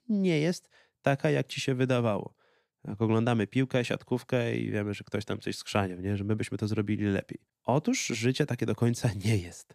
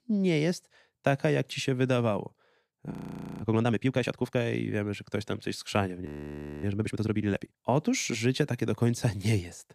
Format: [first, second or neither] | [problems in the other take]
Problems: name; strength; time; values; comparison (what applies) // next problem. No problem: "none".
first | audio freezing; at 3 s and at 6 s for 0.5 s